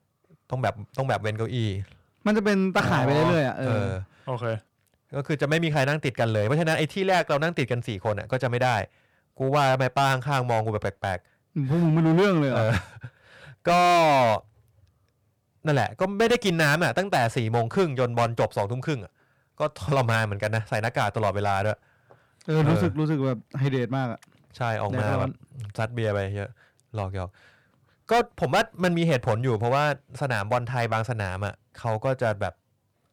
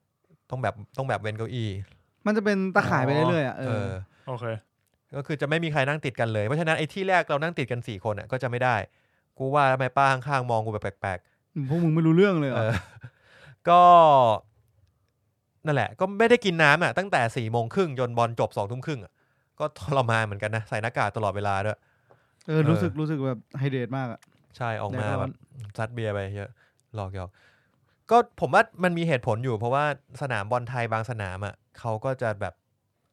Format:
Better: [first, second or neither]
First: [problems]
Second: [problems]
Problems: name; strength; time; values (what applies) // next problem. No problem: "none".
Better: second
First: distortion; heavy; 6% of the sound clipped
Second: none